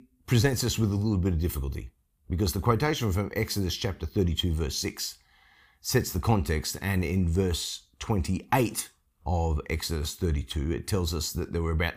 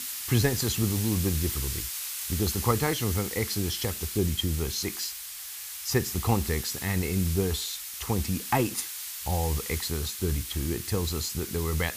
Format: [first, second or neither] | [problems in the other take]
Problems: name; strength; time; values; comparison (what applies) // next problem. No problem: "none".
first | hiss; loud; throughout; 4 dB below the speech